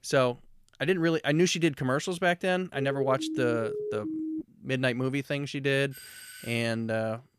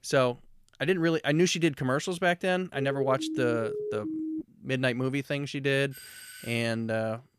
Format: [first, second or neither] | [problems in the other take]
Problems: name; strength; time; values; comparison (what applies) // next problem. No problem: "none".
neither | siren; noticeable; from 2.5 to 4.5 s; peak 5 dB below the speech; the same in both // doorbell; faint; at 6 s; peak 15 dB below the speech; the same in both